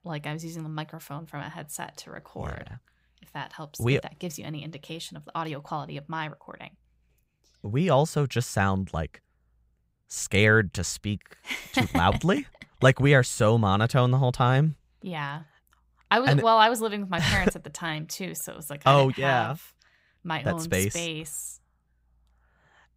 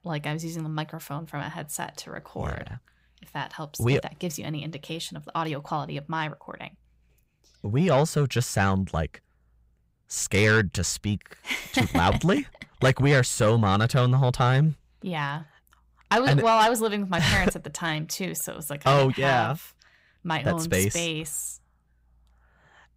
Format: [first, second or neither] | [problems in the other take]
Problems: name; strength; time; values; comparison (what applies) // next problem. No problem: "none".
first | distortion; slight; 10 dB below the speech